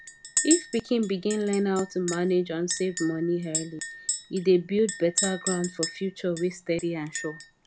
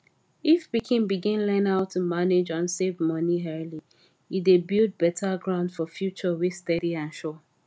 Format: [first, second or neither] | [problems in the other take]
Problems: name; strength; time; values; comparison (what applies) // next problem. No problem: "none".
second | background sound (Chink, clink); 5 dB below the speech